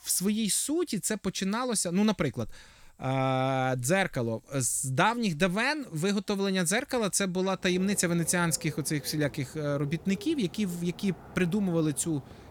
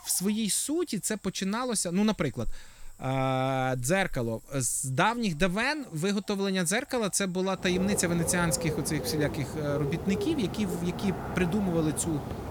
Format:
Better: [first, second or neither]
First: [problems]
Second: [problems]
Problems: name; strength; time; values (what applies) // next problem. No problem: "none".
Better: first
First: animal sounds; faint; throughout; 20 dB below the speech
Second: animal sounds; loud; throughout; 7 dB below the speech